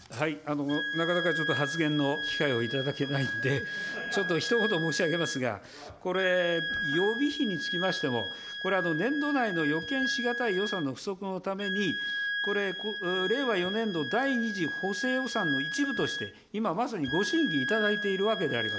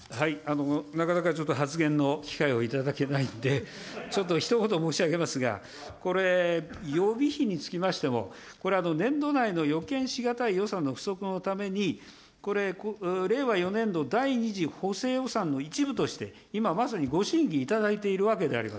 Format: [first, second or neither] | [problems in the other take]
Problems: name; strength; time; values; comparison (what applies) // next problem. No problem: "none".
second | background sound (Wind instrument, woodwind instrument); 4 dB below the speech